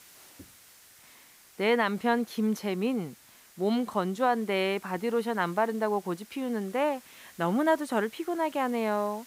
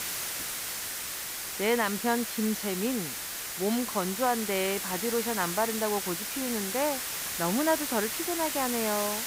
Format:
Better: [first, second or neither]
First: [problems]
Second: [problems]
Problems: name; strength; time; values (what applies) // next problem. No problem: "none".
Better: first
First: hiss; faint; throughout; 25 dB below the speech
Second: hiss; loud; throughout; 2 dB below the speech